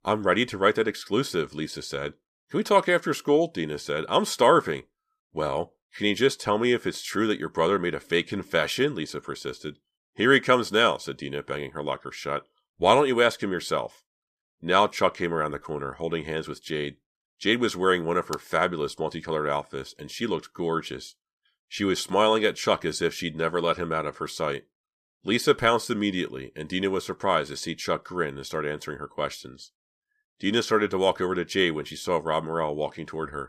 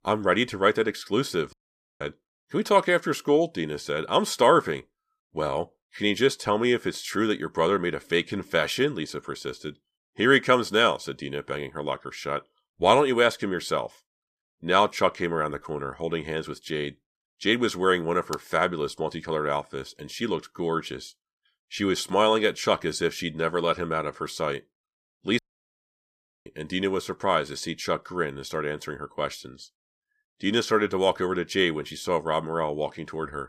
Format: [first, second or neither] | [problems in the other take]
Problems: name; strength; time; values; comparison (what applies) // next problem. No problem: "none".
first | audio cutting out; at 1.5 s and at 25 s for 1 s